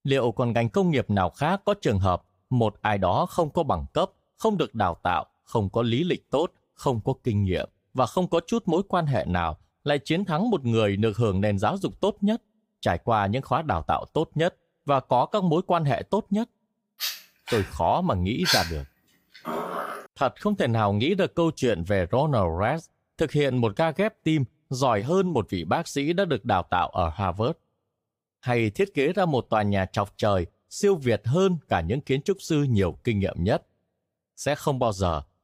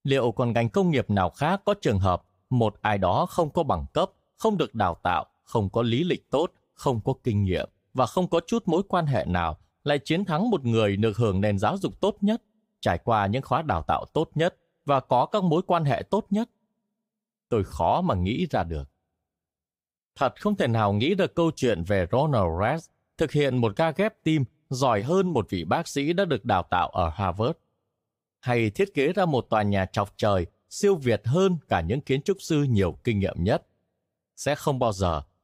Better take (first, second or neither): second